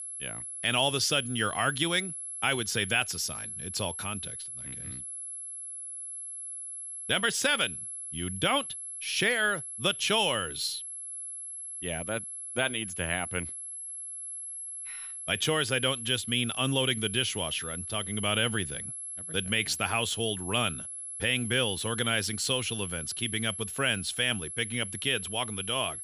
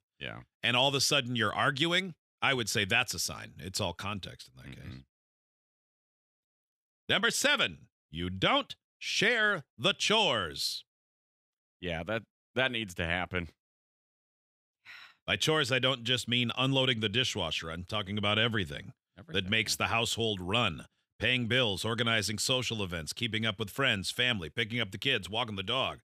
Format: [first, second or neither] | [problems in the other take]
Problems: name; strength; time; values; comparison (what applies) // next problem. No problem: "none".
second | high-pitched whine; loud; throughout; 11 kHz, 7 dB below the speech